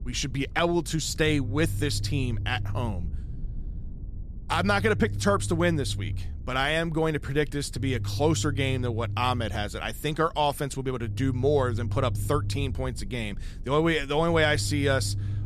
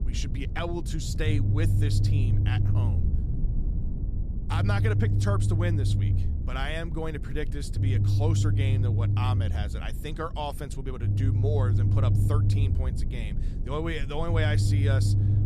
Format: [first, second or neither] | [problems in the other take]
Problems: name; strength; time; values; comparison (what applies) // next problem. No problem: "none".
first | low rumble; loud; throughout; 5 dB below the speech; faint in the first